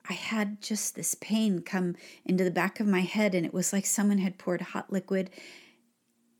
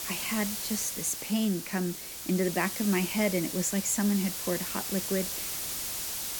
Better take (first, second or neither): first